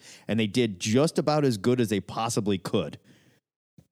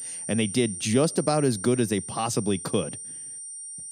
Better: first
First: none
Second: high-pitched whine; loud; throughout; 9 kHz, 9 dB below the speech

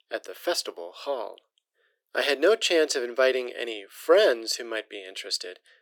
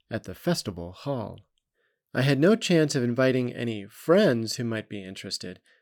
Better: second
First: thin; very; fading below 400 Hz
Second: none

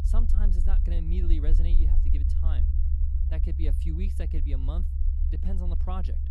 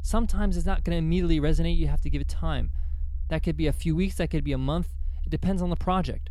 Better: second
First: low rumble; loud; throughout; 3 dB below the speech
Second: low rumble; faint; throughout; 25 dB below the speech

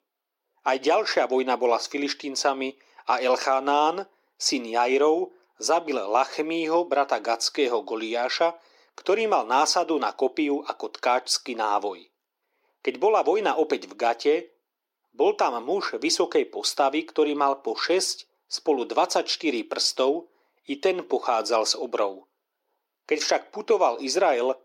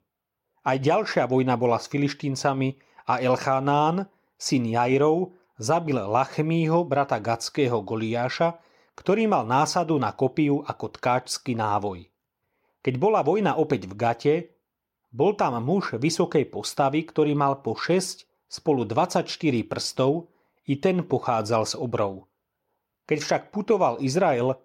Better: second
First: thin; somewhat; fading below 300 Hz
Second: none

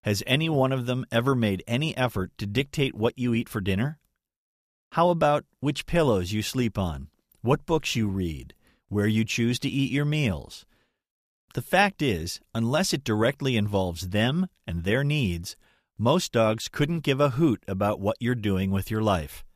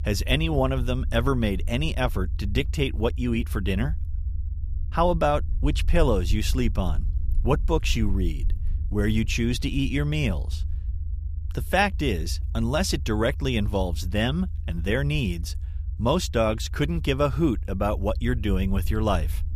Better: first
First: none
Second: low rumble; faint; throughout; 25 dB below the speech

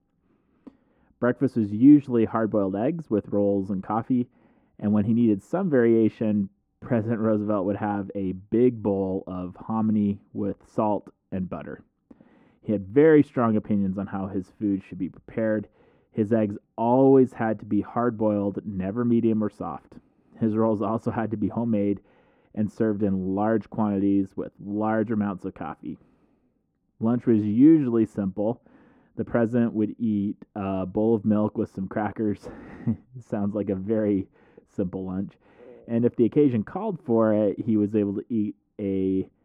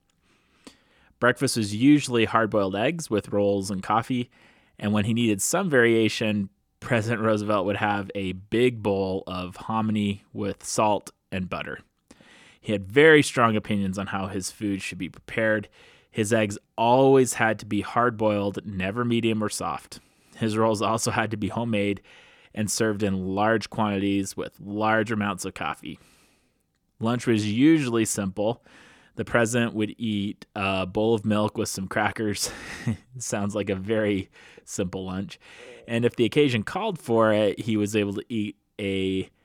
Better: second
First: muffled; very; fading above 2.5 kHz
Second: none

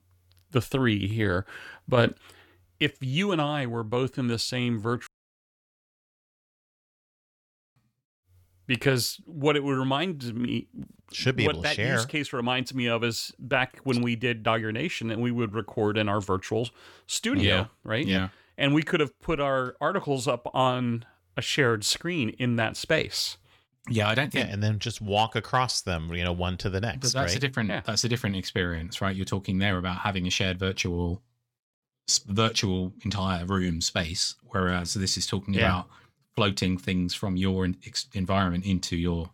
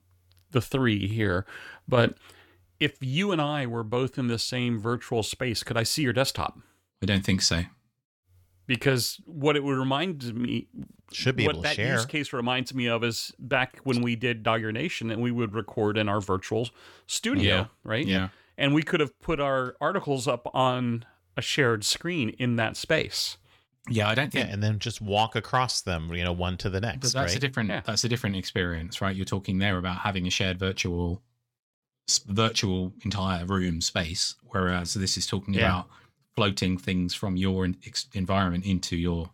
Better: second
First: audio cutting out; at 5 s for 2.5 s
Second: none

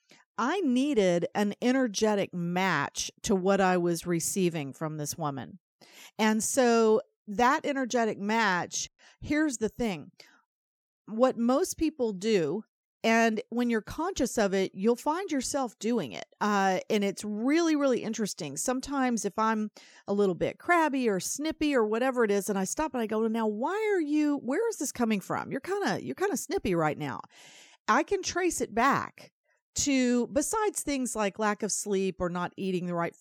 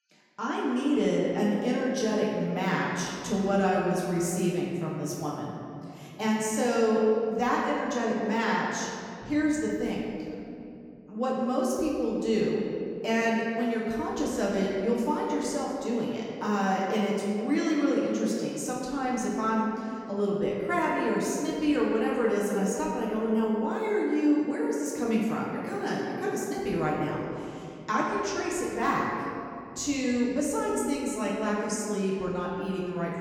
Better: first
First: none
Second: room echo; noticeable; dies away in 2.5 s // off-mic speech; far

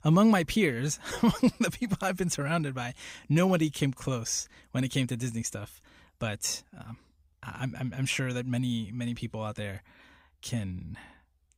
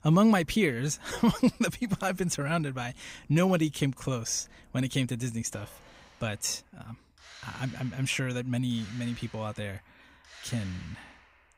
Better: first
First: none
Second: machinery noise; faint; throughout; 25 dB below the speech

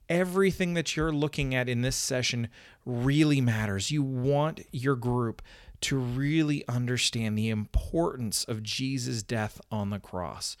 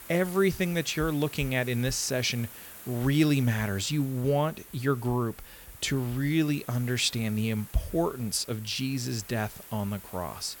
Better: first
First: none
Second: hiss; noticeable; throughout; 15 dB below the speech

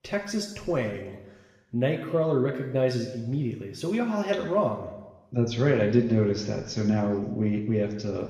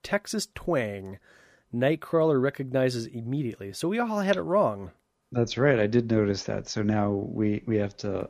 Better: second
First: room echo; noticeable; dies away in 0.9 s // off-mic speech; far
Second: none

